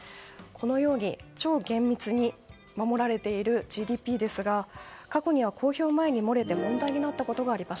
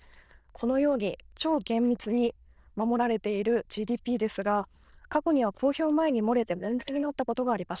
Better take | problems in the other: first | noise reduction (neural diffusion model UNIVERSE++)

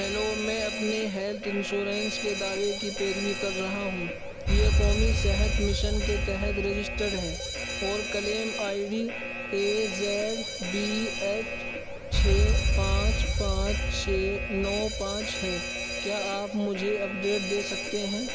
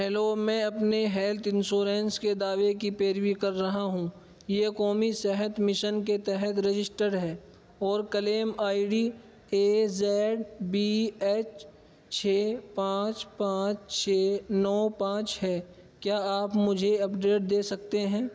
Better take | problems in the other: second | background sound (Alarm); 2 dB above the speech

